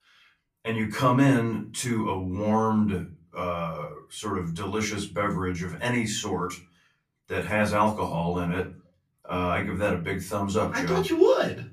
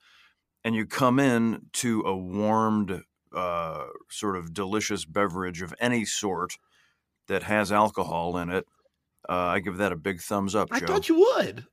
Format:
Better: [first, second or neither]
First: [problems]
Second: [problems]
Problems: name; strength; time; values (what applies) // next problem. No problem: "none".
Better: second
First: off-mic speech; far // room echo; very slight; dies away in 0.3 s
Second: none